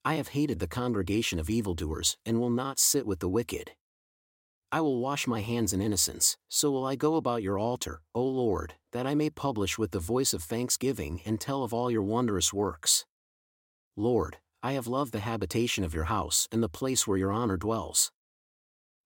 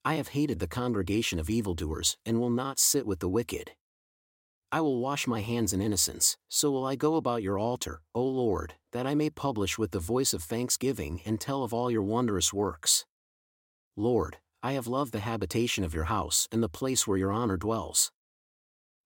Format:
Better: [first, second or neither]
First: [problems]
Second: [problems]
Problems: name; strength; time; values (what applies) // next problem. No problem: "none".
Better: neither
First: none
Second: none